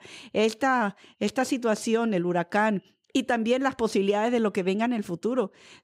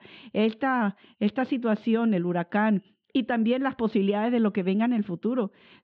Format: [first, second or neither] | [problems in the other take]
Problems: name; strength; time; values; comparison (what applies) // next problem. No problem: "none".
first | muffled; very; fading above 3.5 kHz